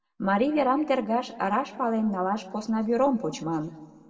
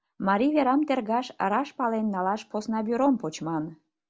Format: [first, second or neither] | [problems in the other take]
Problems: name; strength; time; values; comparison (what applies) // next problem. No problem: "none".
second | room echo; dies away in 1.5 s